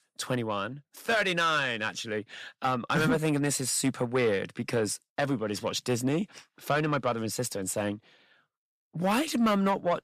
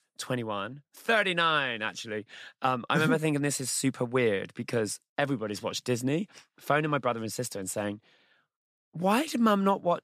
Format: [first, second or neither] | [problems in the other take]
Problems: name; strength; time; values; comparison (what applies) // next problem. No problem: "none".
second | distortion; slight; 10 dB below the speech